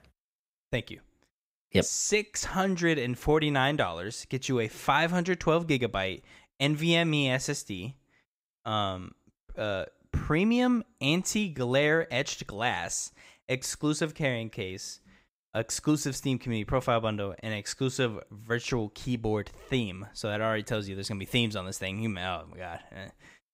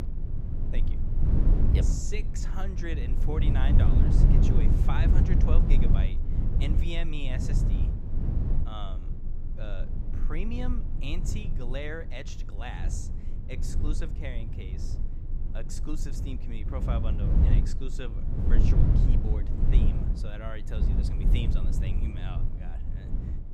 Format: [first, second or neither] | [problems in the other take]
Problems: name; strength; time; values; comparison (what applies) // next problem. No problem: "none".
first | low rumble; loud; throughout; 1 dB below the speech